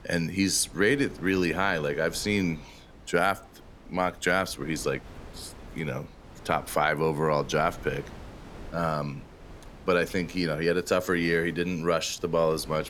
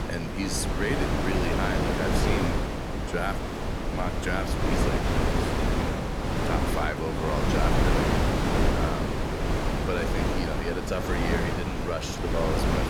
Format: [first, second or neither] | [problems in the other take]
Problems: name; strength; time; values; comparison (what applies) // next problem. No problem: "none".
first | wind noise on the microphone; heavy; 3 dB above the speech; occasional gusts in the first